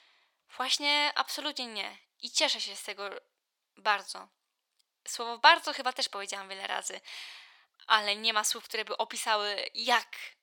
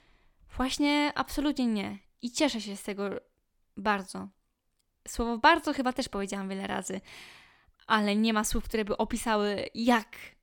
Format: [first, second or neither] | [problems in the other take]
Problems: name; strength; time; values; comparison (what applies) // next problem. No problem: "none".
second | thin; very; fading below 750 Hz